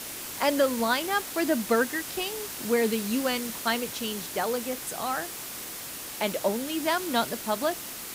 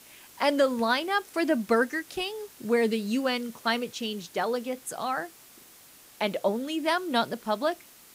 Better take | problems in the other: second | hiss; loud; throughout; 6 dB below the speech; faint in the second

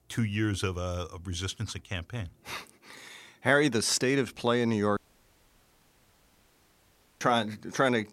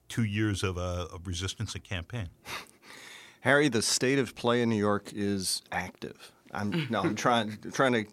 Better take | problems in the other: second | audio cutting out; at 5 s for 2 s

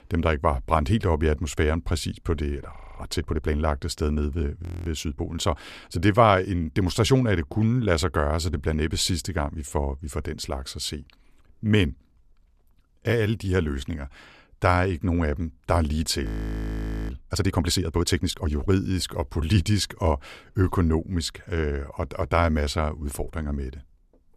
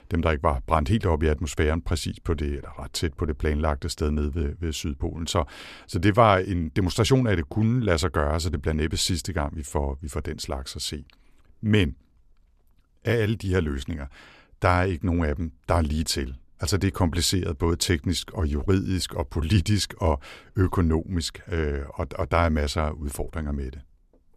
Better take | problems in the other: second | audio freezing; at 3 s, at 4.5 s and at 16 s for 1 s

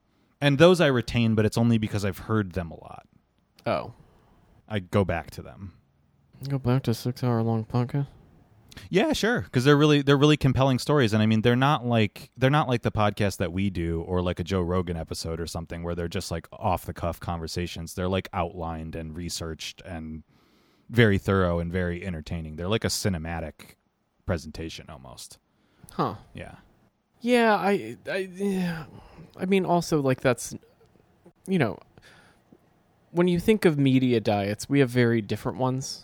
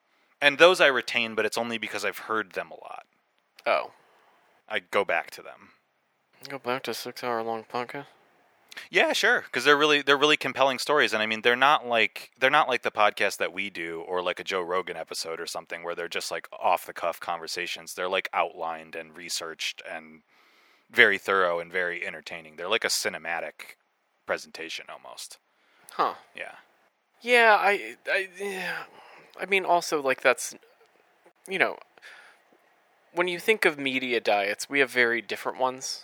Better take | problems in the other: first | thin; very; fading below 600 Hz

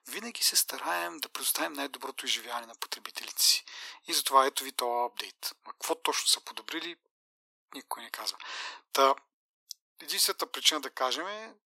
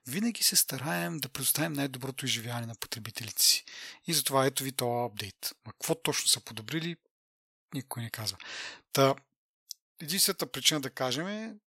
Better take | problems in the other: second | thin; very; fading below 300 Hz

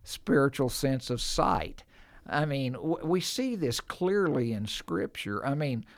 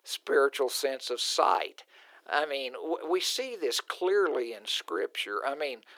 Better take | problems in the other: first | thin; very; fading below 400 Hz

